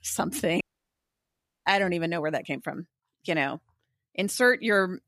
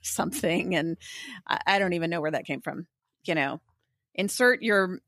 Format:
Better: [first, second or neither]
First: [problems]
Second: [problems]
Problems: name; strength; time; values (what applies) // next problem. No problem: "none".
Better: second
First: audio cutting out; at 0.5 s for 1 s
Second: none